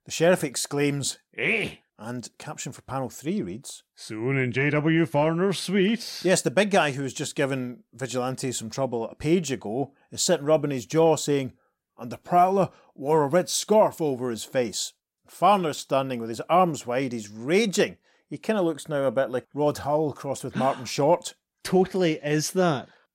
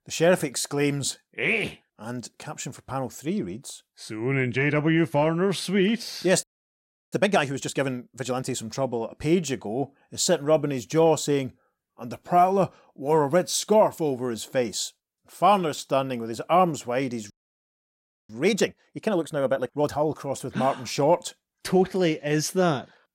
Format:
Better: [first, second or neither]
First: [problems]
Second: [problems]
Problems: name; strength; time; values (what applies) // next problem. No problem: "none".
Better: first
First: none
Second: audio freezing; at 6.5 s for 0.5 s and at 17 s for 1 s